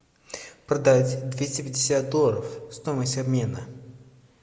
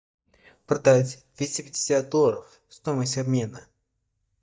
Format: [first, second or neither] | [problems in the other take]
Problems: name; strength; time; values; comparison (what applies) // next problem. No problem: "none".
first | noise reduction (neural mask model DeepFilterNet 3)